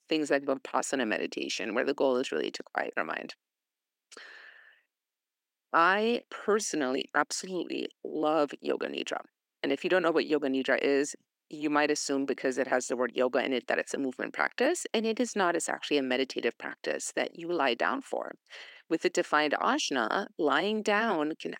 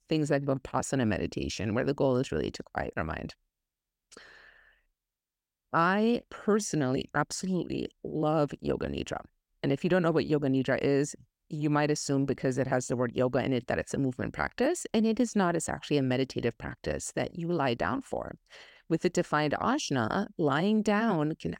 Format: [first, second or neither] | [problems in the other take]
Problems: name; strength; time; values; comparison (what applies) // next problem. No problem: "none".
second | thin; very slightly; fading below 250 Hz